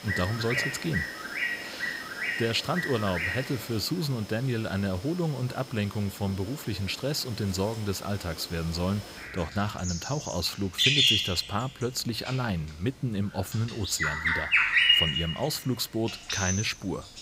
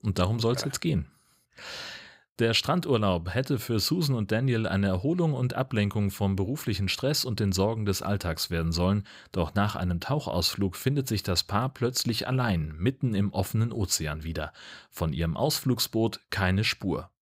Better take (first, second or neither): second